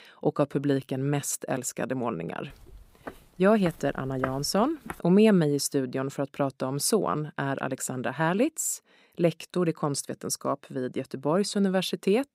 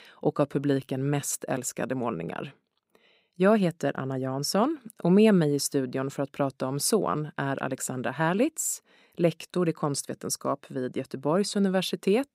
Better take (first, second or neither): second